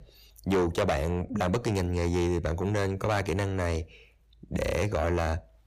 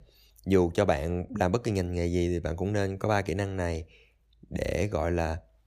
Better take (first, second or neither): second